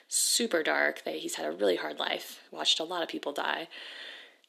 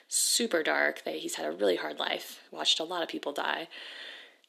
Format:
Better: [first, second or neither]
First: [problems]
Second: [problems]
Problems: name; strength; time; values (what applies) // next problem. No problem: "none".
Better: neither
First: thin; somewhat; fading below 300 Hz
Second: thin; somewhat; fading below 300 Hz